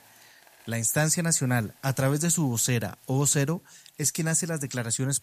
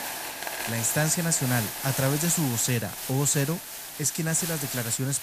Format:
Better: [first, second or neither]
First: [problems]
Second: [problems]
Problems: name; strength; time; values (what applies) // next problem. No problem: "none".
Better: first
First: hiss; faint; throughout; 30 dB below the speech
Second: hiss; loud; throughout; 5 dB below the speech